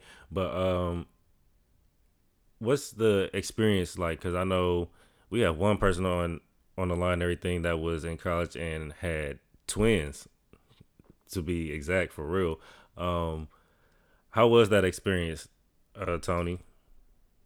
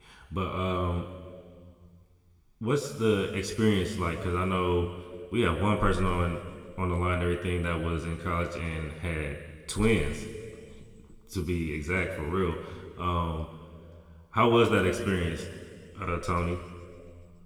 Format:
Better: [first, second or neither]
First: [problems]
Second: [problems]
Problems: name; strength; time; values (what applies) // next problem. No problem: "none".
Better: first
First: none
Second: room echo; noticeable; dies away in 1.9 s // off-mic speech; somewhat distant